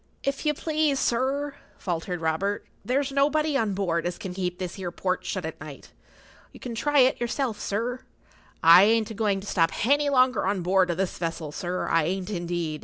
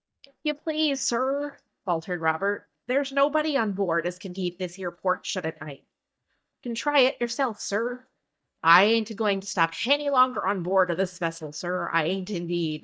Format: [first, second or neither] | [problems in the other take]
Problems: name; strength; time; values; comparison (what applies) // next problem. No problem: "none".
first | noise reduction (neural mask model DeepFilterNet 3)